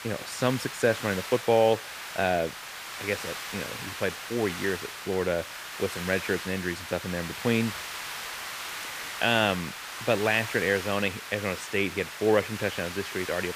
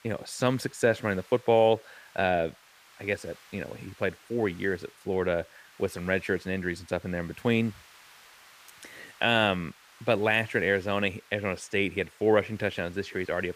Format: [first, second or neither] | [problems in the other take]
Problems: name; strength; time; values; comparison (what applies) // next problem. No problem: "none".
second | hiss; loud; throughout; 8 dB below the speech; faint in the second